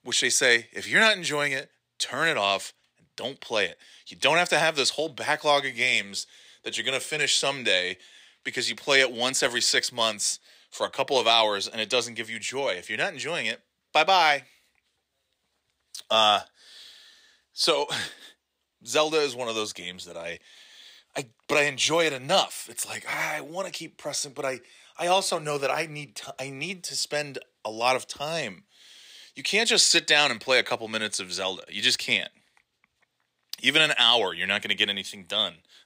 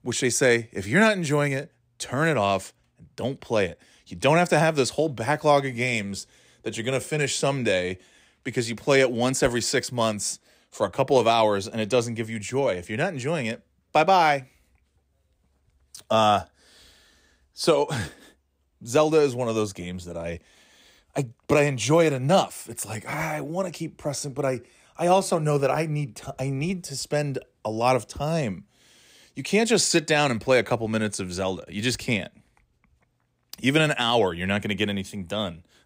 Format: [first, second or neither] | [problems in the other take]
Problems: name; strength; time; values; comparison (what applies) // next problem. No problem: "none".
second | thin; somewhat; fading below 750 Hz